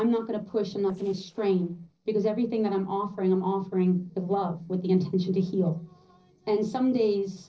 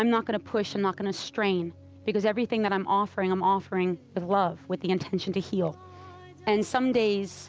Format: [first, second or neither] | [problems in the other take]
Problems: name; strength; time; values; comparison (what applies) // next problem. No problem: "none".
second | noise reduction (neural separator model SepFormer DNS4)